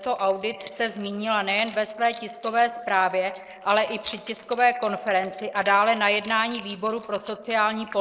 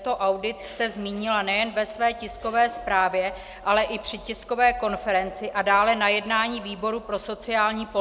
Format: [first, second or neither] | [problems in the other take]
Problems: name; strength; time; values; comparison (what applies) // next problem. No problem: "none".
second | noise reduction (neural mask model Resemble Enhance denoiser)